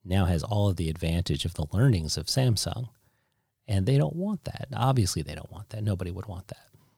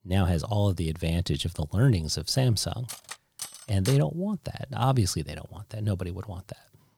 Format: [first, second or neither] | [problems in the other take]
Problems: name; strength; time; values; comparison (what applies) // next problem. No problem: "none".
first | clattering dishes; faint; from 3 to 4 s; peak 10 dB below the speech